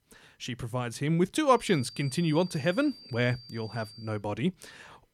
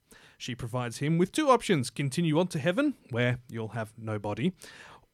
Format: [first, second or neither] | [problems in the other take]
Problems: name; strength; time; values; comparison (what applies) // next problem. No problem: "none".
second | high-pitched whine; noticeable; from 1.5 to 4 s; 4.5 kHz, 20 dB below the speech